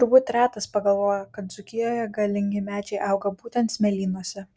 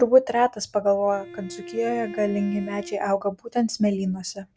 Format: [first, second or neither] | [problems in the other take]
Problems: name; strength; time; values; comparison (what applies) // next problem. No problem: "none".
first | background sound (Bowed string instrument); 15 dB below the speech